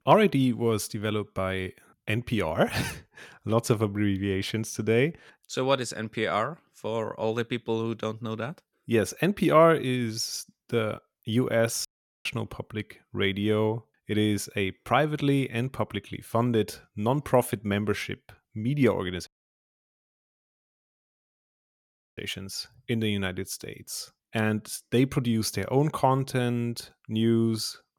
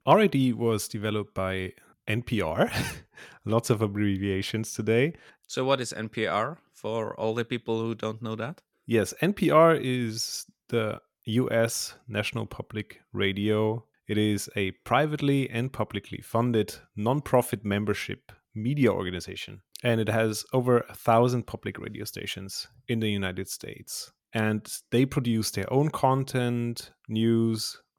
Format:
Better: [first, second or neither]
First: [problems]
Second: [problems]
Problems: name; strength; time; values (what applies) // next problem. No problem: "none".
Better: second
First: audio cutting out; at 12 s and at 19 s for 3 s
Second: none